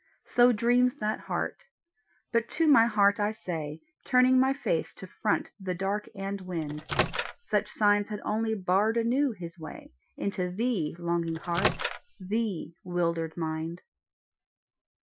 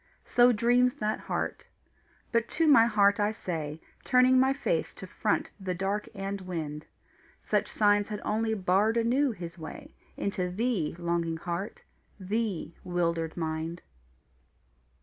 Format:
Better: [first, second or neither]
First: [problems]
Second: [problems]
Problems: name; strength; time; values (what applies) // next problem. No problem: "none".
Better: second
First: noise reduction (classical method Wiener filter)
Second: none